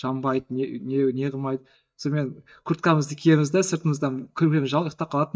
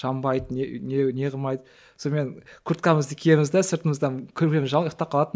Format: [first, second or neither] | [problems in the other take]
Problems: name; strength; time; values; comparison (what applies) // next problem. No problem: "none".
second | noise reduction (neural mask model DeepFilterNet 3)